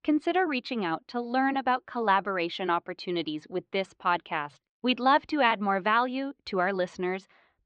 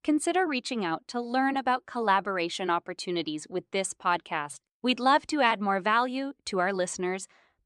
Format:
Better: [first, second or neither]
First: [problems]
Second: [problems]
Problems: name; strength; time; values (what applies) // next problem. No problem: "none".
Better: second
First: muffled; very slightly; fading above 4 kHz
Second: none